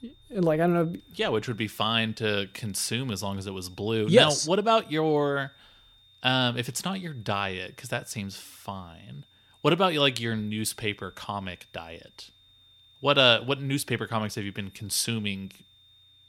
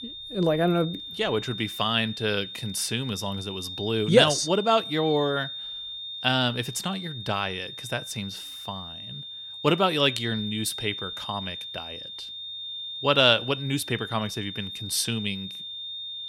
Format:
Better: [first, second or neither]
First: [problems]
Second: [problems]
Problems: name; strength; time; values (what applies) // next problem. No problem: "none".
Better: first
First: high-pitched whine; faint; throughout; 3.5 kHz, 30 dB below the speech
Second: high-pitched whine; loud; throughout; 3.5 kHz, 9 dB below the speech